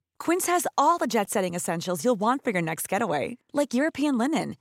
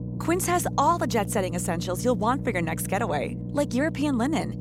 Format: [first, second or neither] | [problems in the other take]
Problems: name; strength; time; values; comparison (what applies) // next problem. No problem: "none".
first | low rumble; noticeable; throughout; 15 dB below the speech